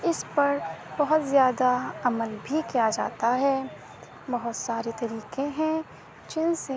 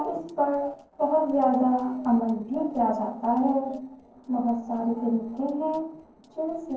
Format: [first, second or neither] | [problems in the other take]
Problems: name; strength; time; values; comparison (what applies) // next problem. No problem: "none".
first | noise reduction (neural separator model SepFormer DNS4)